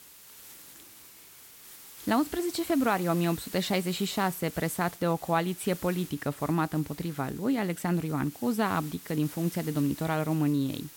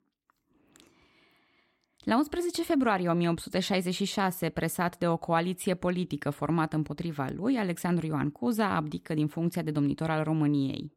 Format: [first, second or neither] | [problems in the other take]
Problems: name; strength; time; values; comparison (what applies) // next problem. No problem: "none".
second | hiss; noticeable; throughout; 15 dB below the speech